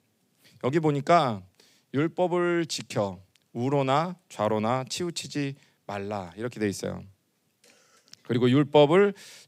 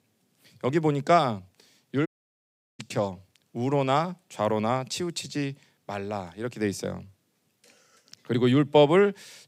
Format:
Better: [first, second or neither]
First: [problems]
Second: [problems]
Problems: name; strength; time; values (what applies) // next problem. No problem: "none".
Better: first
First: none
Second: audio cutting out; at 2 s for 0.5 s